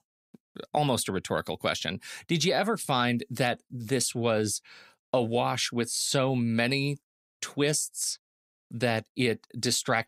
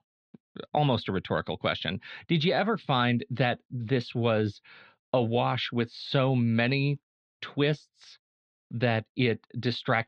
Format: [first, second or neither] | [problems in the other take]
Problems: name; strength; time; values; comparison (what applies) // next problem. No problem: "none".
first | muffled; slightly; fading above 3.5 kHz